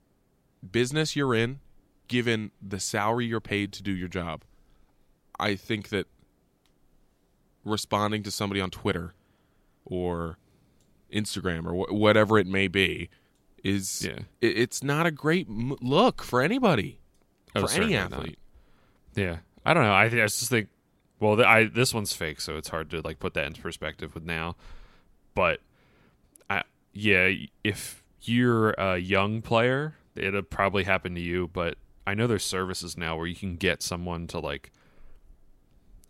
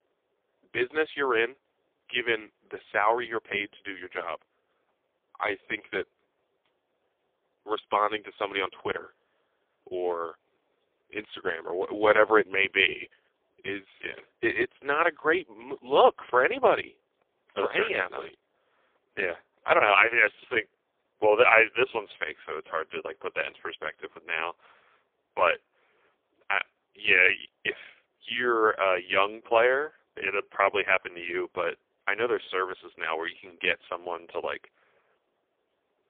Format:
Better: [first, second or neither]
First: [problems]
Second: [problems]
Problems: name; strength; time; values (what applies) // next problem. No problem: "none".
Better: first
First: none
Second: phone-call audio; poor line; nothing above 3 kHz